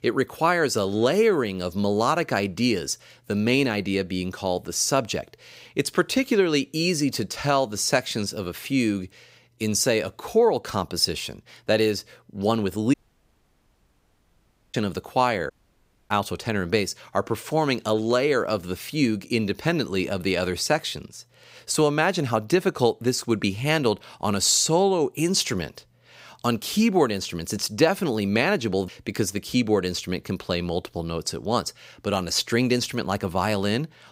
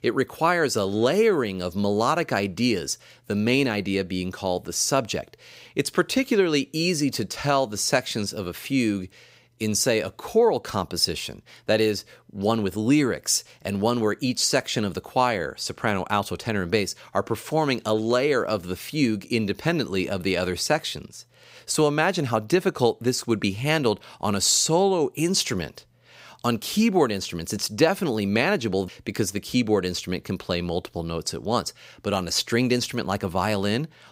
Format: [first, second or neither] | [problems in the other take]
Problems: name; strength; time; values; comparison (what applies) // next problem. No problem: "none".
second | audio cutting out; at 13 s for 2 s and at 16 s for 0.5 s